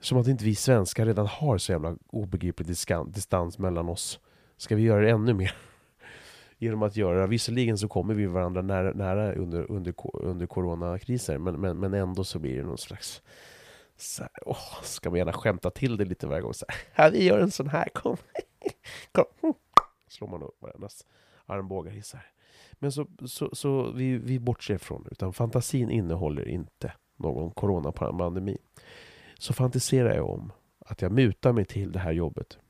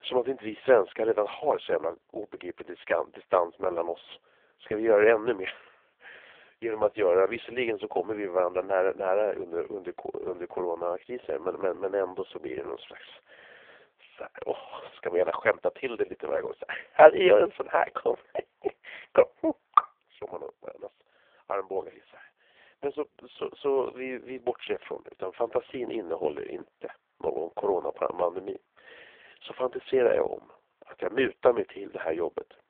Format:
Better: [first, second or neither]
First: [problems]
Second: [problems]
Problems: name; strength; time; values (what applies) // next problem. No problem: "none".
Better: first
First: none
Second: phone-call audio; poor line; nothing above 3.5 kHz